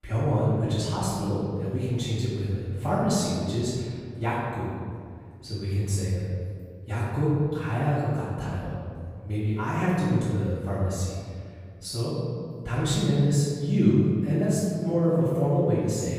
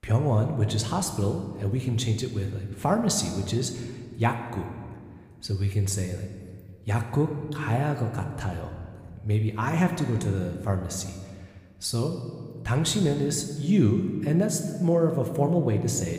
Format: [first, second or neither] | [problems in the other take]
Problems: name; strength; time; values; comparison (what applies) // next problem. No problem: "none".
second | room echo; strong; dies away in 2 s; slight in the second // off-mic speech; far